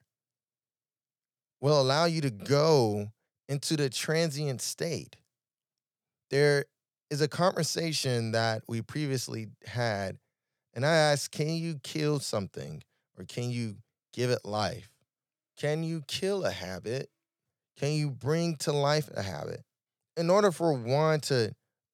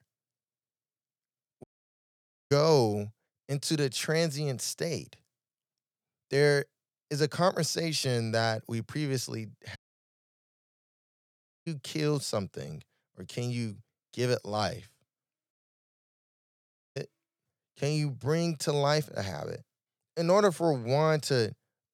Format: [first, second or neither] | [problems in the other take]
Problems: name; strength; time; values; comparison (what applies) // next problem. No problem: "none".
first | audio cutting out; at 1.5 s for 1 s, at 10 s for 2 s and at 16 s for 1.5 s